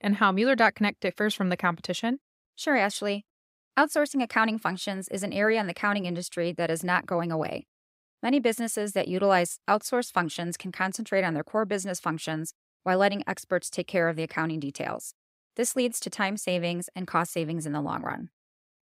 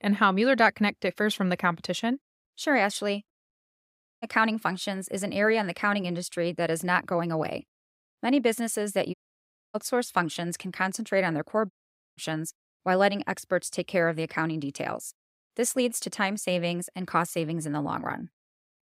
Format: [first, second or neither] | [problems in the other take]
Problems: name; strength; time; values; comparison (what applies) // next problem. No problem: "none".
first | audio cutting out; at 3.5 s for 0.5 s, at 9 s for 0.5 s and at 12 s